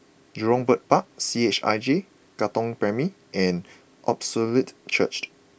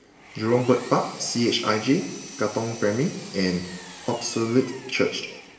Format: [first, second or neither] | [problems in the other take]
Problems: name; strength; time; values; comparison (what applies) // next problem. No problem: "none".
first | background sound (Power tool); 17 dB below the speech // room echo; dies away in 0.9 s